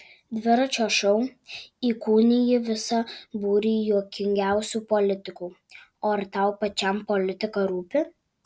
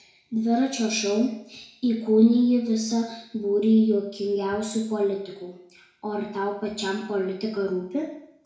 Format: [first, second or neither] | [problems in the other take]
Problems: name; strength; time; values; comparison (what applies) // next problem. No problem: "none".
first | room echo; dies away in 0.6 s